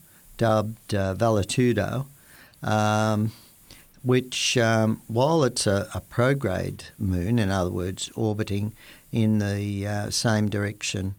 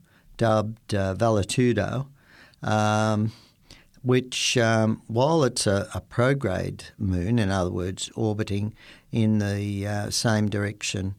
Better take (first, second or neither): second